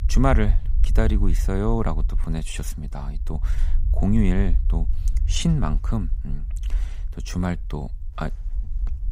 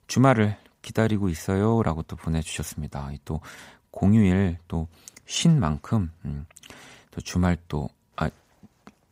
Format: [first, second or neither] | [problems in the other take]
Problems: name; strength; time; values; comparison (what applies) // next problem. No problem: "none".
second | low rumble; noticeable; throughout; 20 dB below the speech